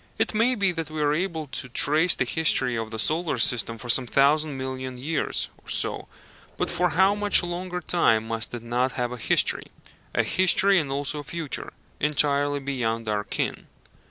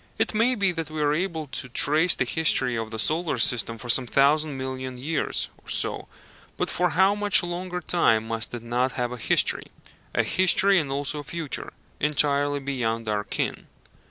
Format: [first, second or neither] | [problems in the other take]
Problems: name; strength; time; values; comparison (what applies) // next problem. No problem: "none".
second | background sound (Growling); 15 dB below the speech